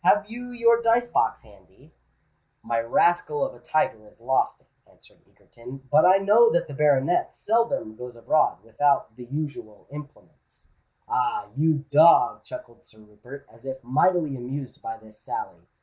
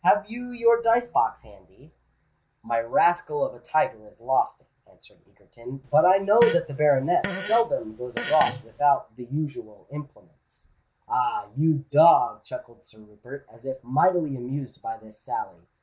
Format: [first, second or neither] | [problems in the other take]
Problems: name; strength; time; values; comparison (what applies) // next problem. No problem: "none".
first | background sound (Fart); 10 dB below the speech